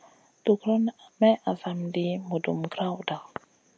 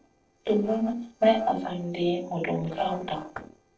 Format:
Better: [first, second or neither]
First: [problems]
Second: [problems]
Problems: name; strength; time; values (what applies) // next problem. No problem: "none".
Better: first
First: none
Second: noise reduction (neural separator model SepFormer DNS4)